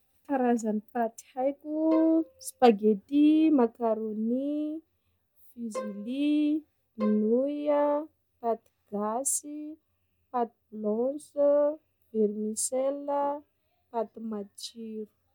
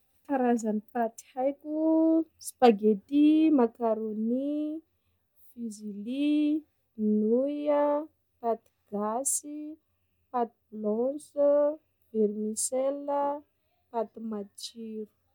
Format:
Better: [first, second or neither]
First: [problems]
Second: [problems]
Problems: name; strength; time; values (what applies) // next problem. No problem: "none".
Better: second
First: background sound (Bowed string instrument); 13 dB below the speech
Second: none